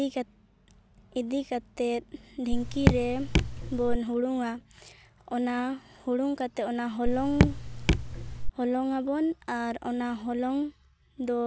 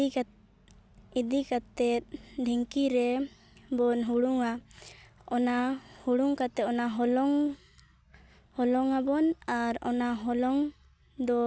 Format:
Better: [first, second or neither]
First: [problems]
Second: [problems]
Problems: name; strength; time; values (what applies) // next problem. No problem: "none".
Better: second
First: background sound (Raindrop / Drip); 5 dB above the speech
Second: none